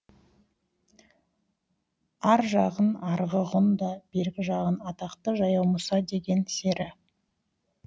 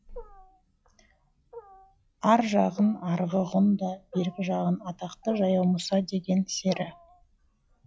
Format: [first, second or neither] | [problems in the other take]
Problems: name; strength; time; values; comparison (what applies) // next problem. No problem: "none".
first | noise reduction (classical method log-MMSE)